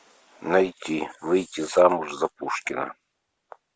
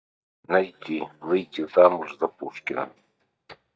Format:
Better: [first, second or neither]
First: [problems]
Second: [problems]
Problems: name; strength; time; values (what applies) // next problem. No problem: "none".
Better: first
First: none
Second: noise reduction (neural mask model DeepFilterNet 3)